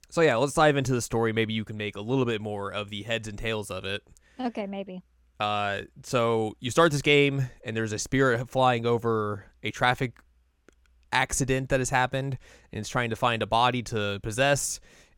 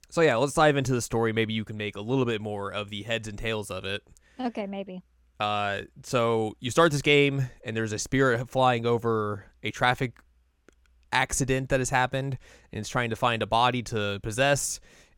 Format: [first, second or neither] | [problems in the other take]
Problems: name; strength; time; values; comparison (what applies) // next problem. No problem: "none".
neither | none